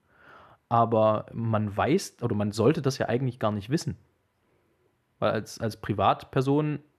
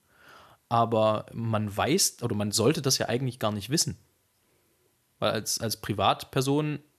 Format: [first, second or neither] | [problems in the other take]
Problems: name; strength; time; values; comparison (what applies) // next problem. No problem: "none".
second | muffled; slightly; fading above 3.5 kHz